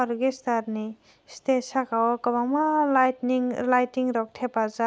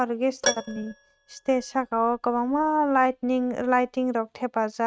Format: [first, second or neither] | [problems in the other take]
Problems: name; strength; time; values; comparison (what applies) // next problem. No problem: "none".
first | noise reduction (neural mask model RNNoise)